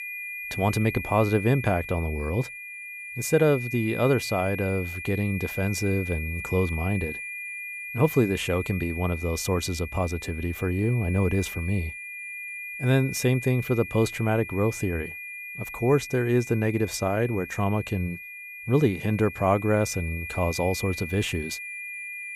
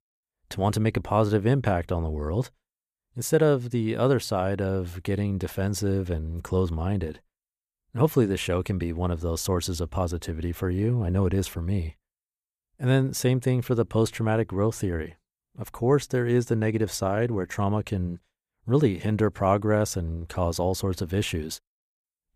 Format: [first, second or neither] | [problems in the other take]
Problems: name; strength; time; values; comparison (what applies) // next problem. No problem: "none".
second | high-pitched whine; loud; throughout; 2.5 kHz, 9 dB below the speech